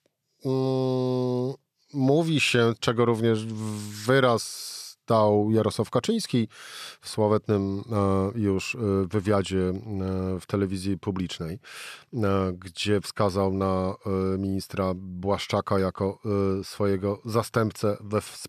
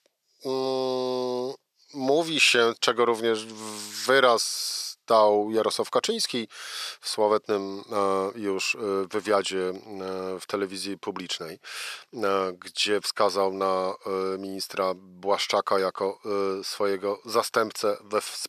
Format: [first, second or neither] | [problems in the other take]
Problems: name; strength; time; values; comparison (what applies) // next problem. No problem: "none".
first | thin; somewhat; fading below 450 Hz